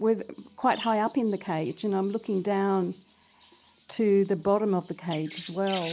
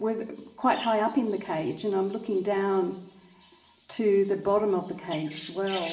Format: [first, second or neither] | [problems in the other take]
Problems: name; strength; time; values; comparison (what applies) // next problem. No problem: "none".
first | room echo; dies away in 0.7 s